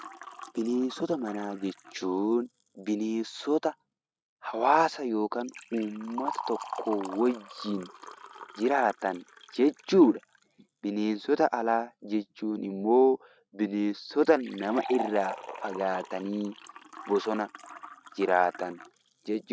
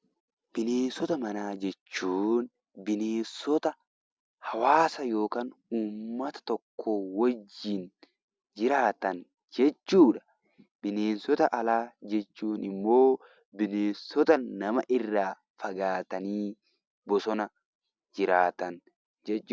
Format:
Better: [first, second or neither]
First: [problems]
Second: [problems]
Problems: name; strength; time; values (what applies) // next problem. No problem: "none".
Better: second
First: noise reduction (neural mask model RNNoise)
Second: none